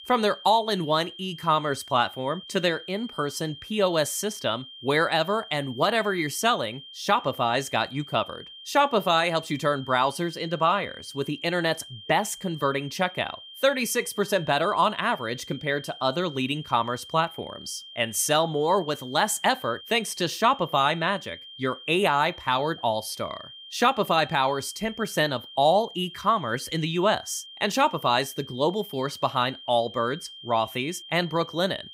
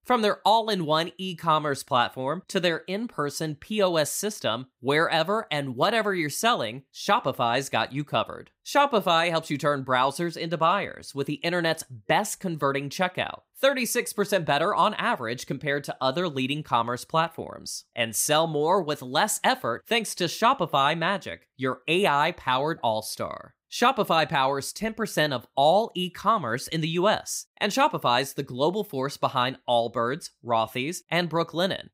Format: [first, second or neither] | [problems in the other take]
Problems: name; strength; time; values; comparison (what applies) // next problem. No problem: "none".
second | high-pitched whine; noticeable; throughout; 3 kHz, 15 dB below the speech